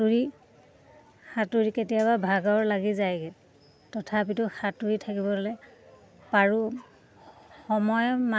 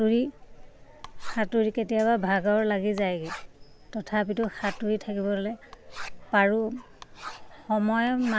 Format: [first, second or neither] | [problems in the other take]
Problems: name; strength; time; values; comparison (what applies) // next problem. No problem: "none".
first | background sound (Writing); 14 dB below the speech